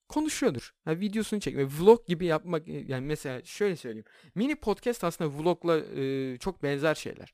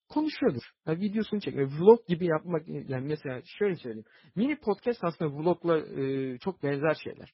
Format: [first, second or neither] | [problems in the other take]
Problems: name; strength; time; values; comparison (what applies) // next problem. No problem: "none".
first | garbled, watery; badly; nothing above 5.5 kHz